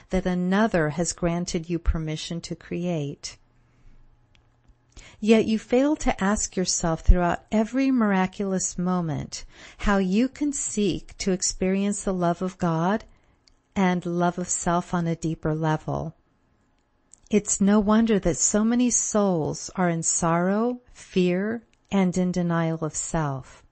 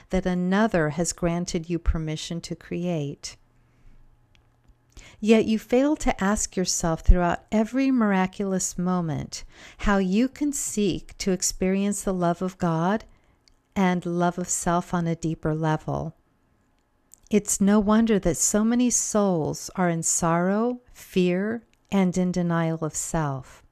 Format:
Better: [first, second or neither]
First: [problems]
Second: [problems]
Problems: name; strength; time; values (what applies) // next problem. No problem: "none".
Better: second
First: garbled, watery; slightly; nothing above 8 kHz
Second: none